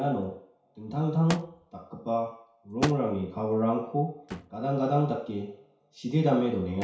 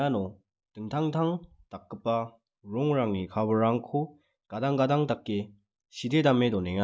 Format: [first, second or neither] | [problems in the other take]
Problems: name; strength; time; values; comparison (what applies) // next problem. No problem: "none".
second | background sound (Thump, thud); 14 dB below the speech // room echo; dies away in 0.6 s